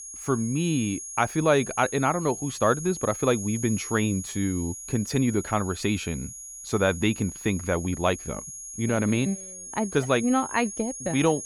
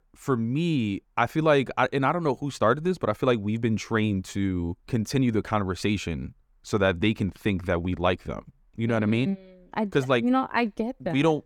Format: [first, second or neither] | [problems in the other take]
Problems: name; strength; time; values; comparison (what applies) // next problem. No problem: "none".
second | high-pitched whine; loud; throughout; 6.5 kHz, 10 dB below the speech